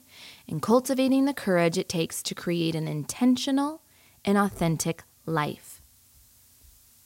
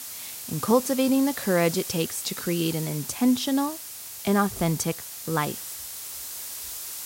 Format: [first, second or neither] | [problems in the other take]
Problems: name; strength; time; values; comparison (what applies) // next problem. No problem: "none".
first | hiss; loud; throughout; 8 dB below the speech; faint in the first